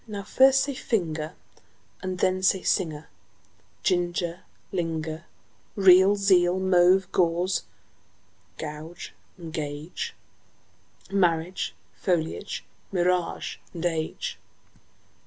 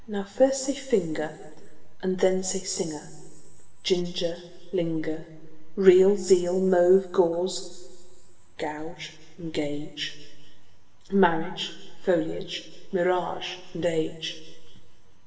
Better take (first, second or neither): first